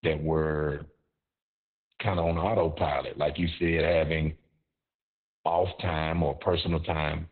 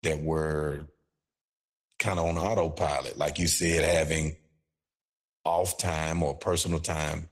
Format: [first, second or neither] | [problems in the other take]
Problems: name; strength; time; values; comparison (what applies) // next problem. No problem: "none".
second | garbled, watery; badly; nothing above 4 kHz; slightly in the second